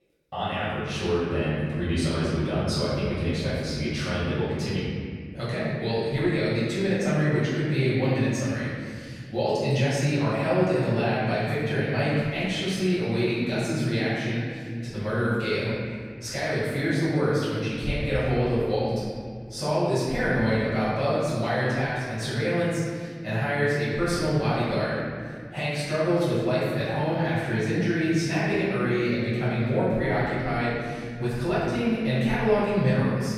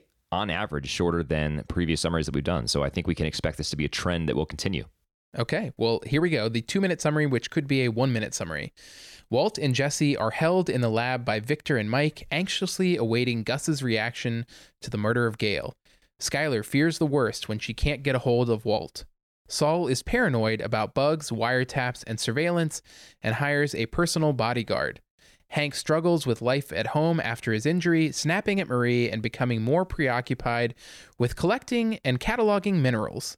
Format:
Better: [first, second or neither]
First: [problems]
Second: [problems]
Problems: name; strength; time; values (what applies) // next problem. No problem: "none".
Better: second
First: off-mic speech; far // room echo; strong; dies away in 2.2 s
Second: none